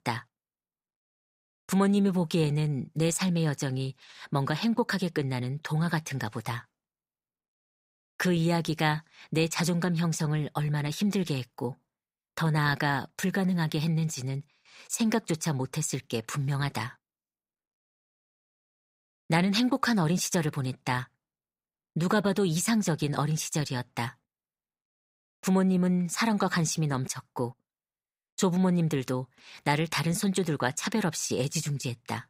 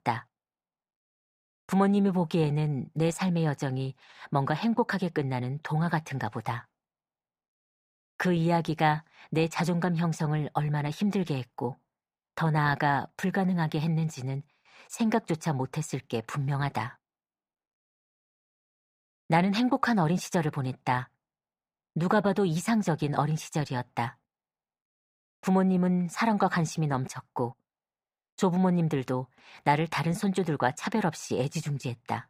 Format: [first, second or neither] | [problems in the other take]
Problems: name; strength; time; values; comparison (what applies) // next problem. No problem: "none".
first | muffled; slightly; fading above 3.5 kHz